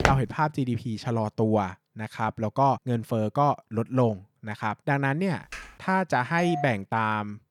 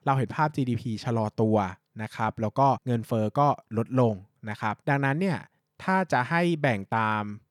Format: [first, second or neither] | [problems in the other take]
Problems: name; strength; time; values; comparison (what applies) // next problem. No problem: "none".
second | footsteps; loud; at the start; peak 1 dB above the speech // keyboard typing; faint; at 5.5 s; peak 15 dB below the speech // doorbell; noticeable; at 6.5 s; peak 7 dB below the speech